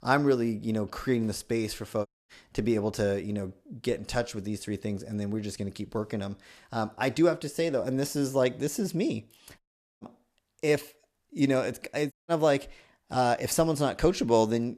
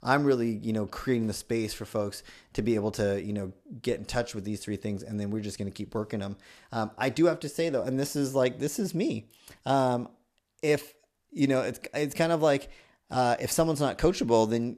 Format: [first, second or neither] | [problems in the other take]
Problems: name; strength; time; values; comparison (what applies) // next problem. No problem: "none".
second | audio cutting out; at 2 s, at 9.5 s and at 12 s